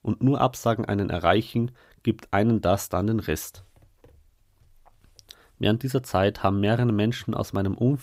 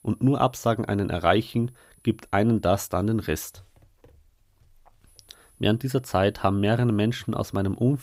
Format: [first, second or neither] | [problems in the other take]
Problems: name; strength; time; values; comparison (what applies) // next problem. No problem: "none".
first | high-pitched whine; faint; until 3.5 s and from 5 s on; 10 kHz, 35 dB below the speech